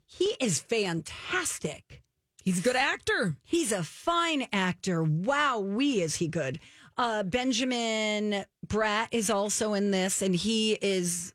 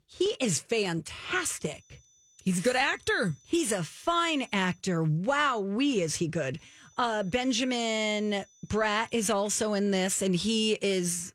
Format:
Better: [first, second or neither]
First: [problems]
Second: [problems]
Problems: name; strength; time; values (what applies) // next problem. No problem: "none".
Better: first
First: none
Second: high-pitched whine; faint; from 1.5 to 5 s and from 6.5 to 9.5 s; 6 kHz, 30 dB below the speech